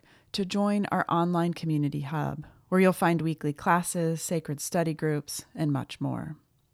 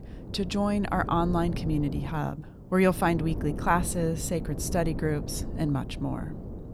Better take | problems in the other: first | wind noise on the microphone; occasional gusts; 15 dB below the speech

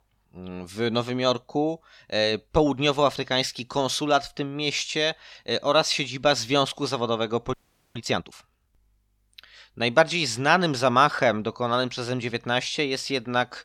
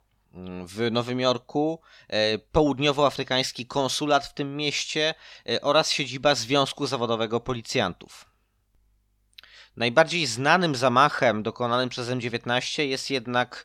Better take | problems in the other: second | audio freezing; at 7.5 s

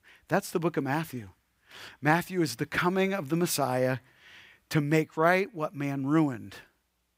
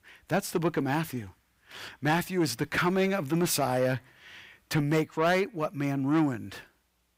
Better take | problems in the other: first | distortion; slight; 10 dB below the speech

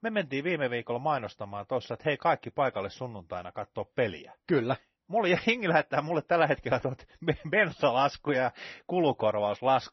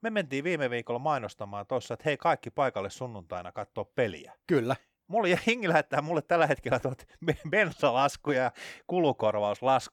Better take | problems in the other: second | garbled, watery; slightly; nothing above 6 kHz

